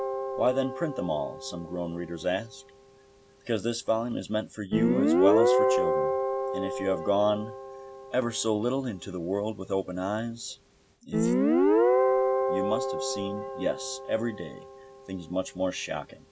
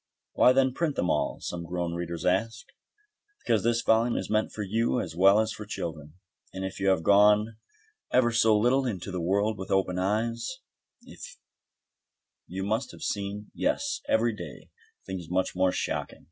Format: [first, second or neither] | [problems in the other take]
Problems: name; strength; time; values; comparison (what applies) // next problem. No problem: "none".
second | background sound (Guitar); 2 dB above the speech